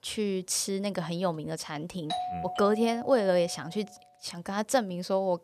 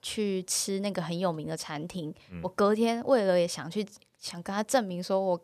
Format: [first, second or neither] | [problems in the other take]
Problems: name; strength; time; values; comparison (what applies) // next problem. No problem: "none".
second | doorbell; noticeable; from 2 to 3.5 s; peak 4 dB below the speech